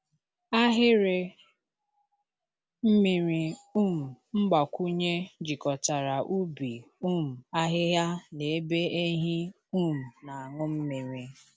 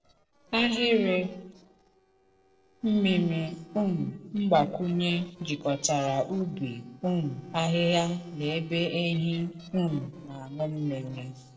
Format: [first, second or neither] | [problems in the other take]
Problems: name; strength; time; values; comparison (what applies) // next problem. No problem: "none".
first | noise reduction (neural separator model SepFormer DNS4)